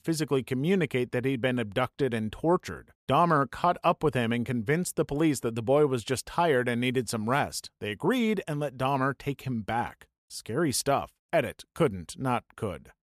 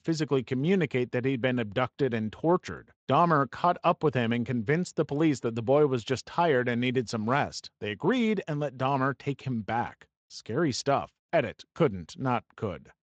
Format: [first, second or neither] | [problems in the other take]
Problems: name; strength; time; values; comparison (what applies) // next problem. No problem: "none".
first | garbled, watery; slightly; nothing above 7.5 kHz